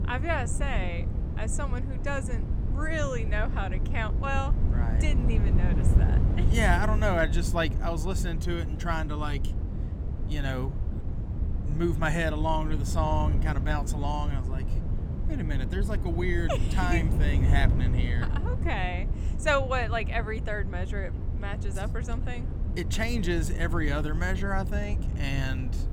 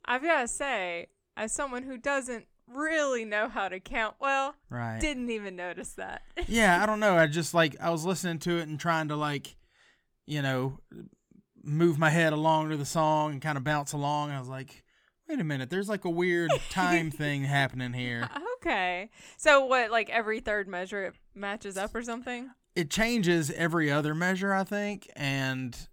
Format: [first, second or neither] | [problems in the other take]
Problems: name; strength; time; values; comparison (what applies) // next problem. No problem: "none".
second | wind noise on the microphone; occasional gusts; 10 dB below the speech